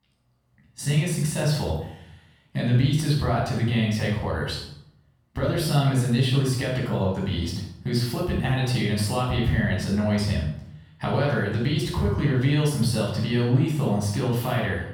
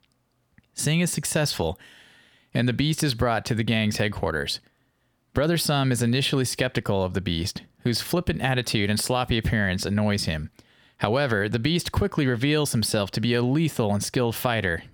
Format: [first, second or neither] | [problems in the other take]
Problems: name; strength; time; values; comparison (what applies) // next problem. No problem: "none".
second | off-mic speech; far // room echo; noticeable; dies away in 0.7 s